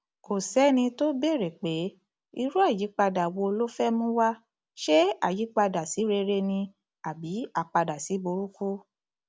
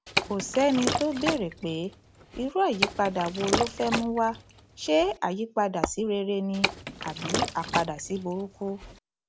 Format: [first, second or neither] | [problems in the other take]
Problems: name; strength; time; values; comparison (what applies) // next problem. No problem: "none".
first | background sound (Liquid + Tap / Hammer); 4 dB below the speech